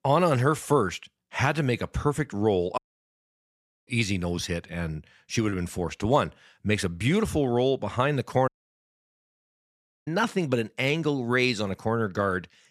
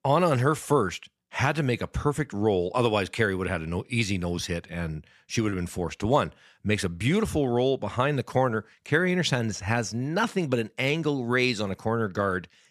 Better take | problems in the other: second | audio cutting out; at 3 s for 1 s and at 8.5 s for 1.5 s

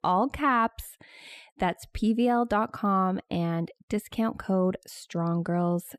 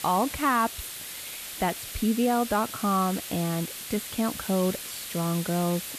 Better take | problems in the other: first | hiss; loud; throughout; 8 dB below the speech

